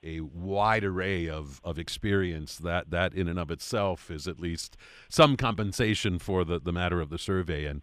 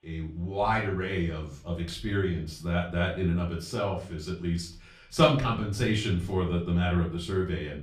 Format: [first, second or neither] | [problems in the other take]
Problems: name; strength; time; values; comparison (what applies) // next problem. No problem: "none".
first | off-mic speech; far // room echo; slight; dies away in 0.4 s